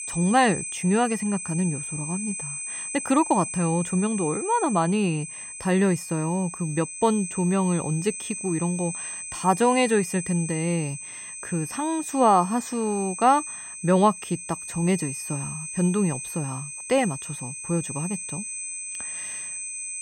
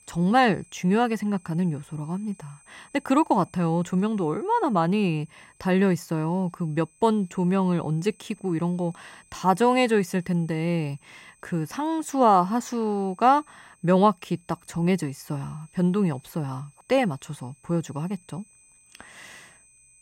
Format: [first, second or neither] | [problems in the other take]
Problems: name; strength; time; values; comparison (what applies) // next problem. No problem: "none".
second | high-pitched whine; loud; throughout; 8 kHz, 7 dB below the speech; faint in the second